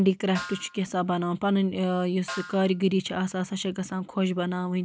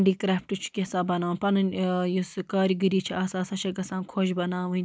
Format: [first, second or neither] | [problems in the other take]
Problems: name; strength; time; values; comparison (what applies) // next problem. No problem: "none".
second | background sound (Snare drum); 17 dB below the speech